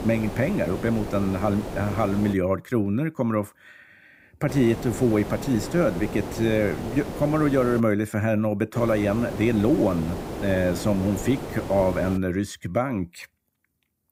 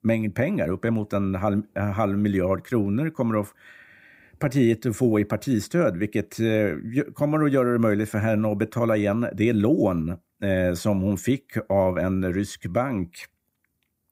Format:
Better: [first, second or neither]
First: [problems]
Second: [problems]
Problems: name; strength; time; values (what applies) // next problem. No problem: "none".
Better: second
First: hiss; loud; until 2.5 s, from 4.5 to 8 s and from 8.5 to 12 s; 9 dB below the speech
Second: none